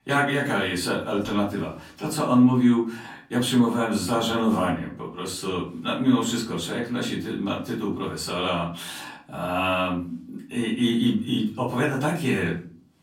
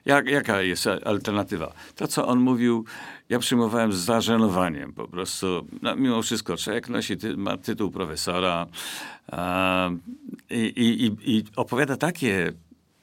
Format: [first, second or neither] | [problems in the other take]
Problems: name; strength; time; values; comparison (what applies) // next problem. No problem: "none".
second | room echo; slight; dies away in 0.4 s // off-mic speech; far